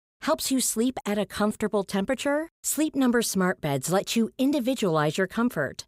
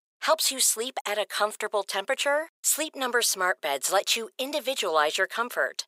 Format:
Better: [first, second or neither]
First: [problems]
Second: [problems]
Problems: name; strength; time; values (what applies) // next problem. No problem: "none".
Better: first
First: none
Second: thin; very; fading below 550 Hz